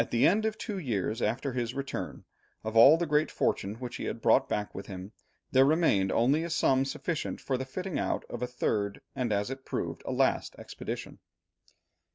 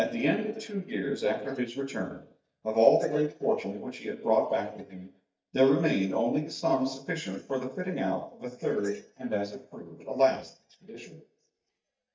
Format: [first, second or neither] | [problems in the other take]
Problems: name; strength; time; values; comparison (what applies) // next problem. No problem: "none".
first | noise reduction (neural mask model DeepFilterNet 3)